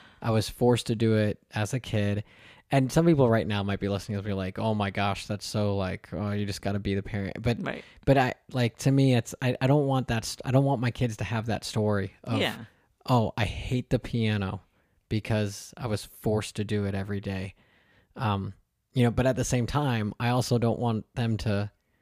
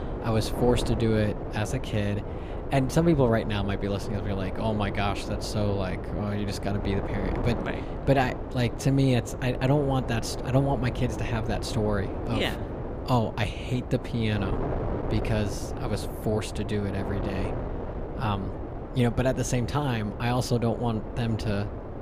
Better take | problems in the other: first | wind noise on the microphone; heavy; 7 dB below the speech

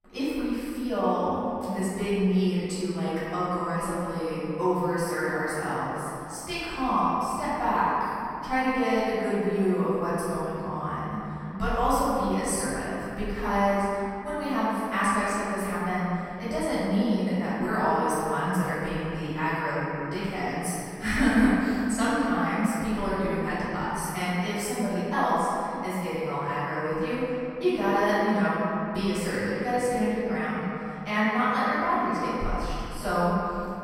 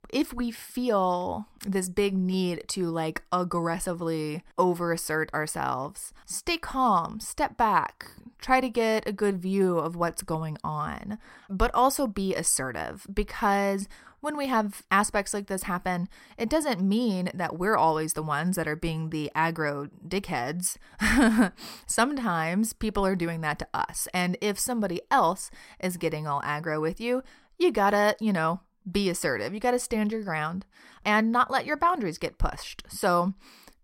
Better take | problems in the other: second | off-mic speech; far // room echo; strong; dies away in 3 s

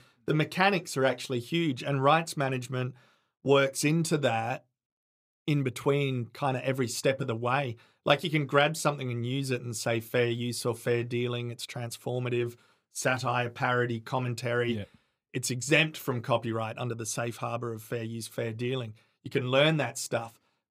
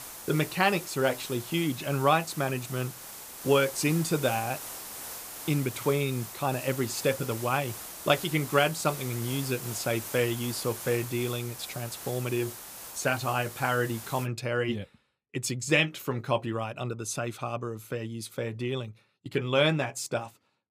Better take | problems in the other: first | hiss; loud; until 14 s; 10 dB below the speech

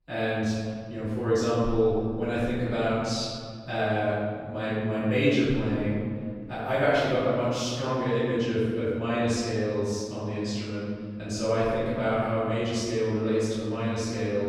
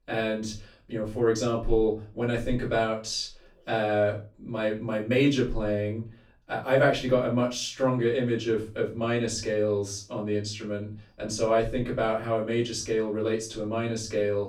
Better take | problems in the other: second | room echo; strong; dies away in 2.1 s; slight in the second // off-mic speech; far; far in the second

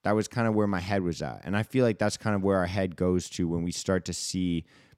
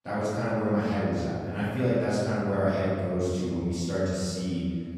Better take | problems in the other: first | off-mic speech; far // room echo; strong; dies away in 1.9 s

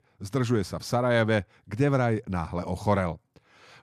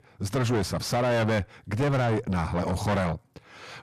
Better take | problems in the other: first | distortion; heavy; 6 dB below the speech

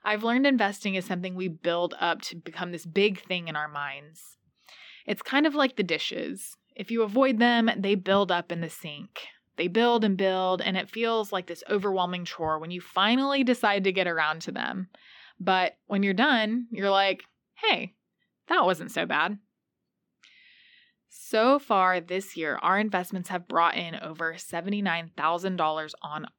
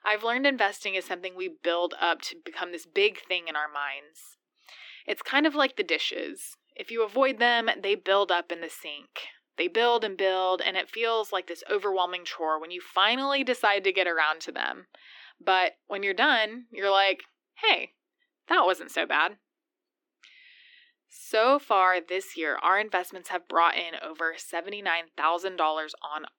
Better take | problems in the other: first | thin; somewhat; fading below 300 Hz

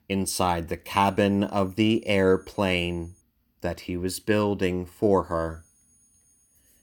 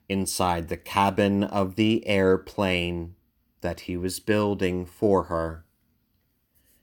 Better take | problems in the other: second | high-pitched whine; faint; from 1 to 3 s and from 5 s on; 9.5 kHz, 35 dB below the speech

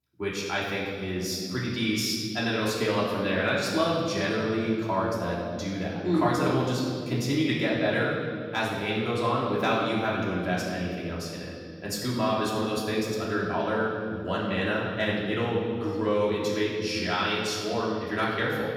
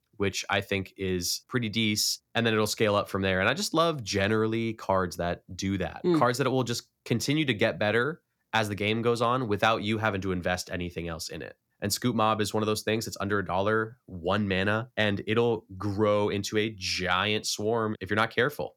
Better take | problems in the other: second | off-mic speech; far // room echo; noticeable; dies away in 2.2 s

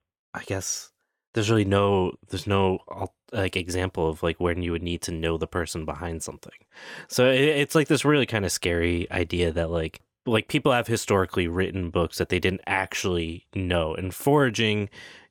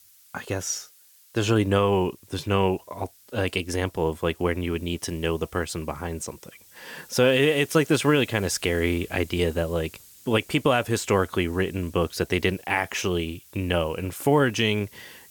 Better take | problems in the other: first | hiss; faint; throughout; 25 dB below the speech

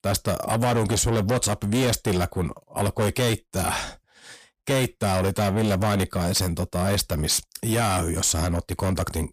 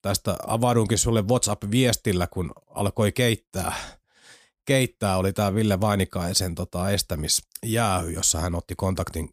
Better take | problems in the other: second | distortion; heavy; 7 dB below the speech

